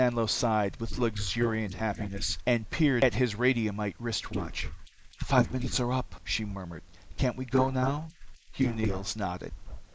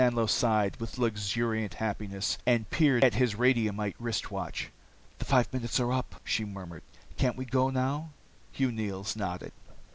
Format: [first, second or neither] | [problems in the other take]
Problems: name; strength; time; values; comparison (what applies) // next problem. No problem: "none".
second | noise reduction (neural mask model Resemble Enhance denoiser)